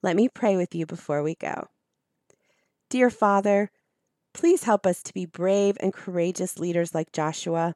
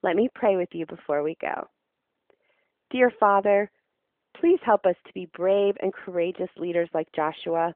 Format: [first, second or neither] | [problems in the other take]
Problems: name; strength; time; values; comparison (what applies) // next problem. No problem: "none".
first | phone-call audio; nothing above 3.5 kHz